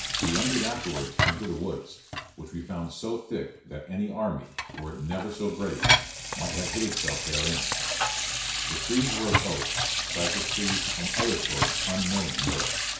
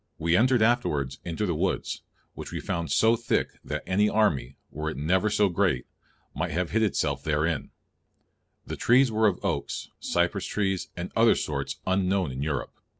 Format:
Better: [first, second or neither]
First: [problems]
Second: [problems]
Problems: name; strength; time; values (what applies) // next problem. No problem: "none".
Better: second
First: background sound (Sink (filling or washing) / Water tap, faucet); 3 dB above the speech // room echo; dies away in 0.6 s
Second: none